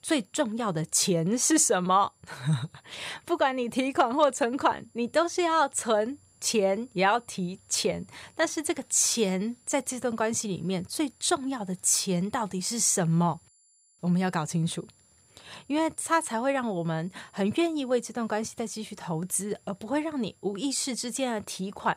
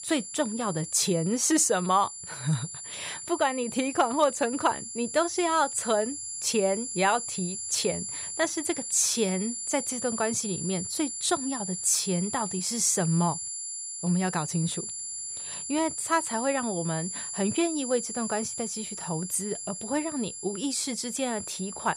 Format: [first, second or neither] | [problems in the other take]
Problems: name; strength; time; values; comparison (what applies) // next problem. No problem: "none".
first | high-pitched whine; loud; throughout; 7 kHz, 6 dB below the speech; faint in the first